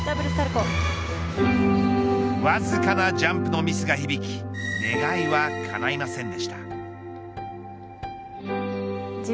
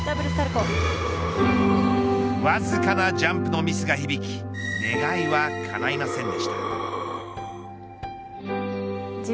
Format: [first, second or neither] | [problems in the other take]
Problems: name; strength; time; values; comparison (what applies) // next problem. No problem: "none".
first | background sound (Breathing); 8 dB below the speech